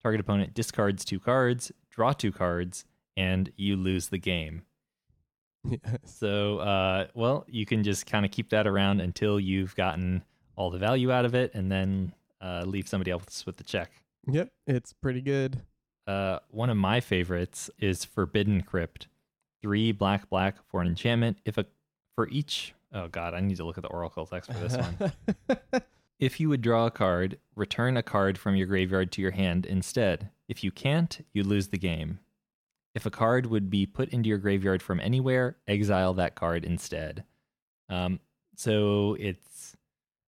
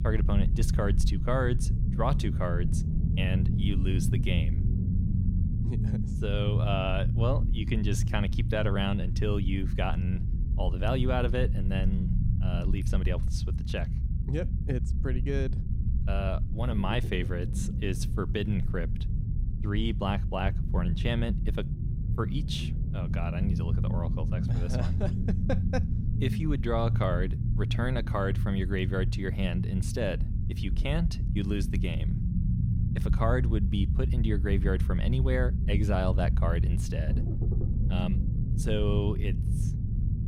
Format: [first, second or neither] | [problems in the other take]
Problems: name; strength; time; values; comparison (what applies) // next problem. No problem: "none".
first | low rumble; loud; throughout; 8 dB below the speech